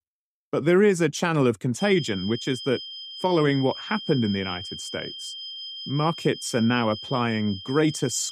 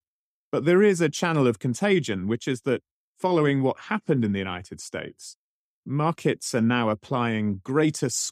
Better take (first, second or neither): second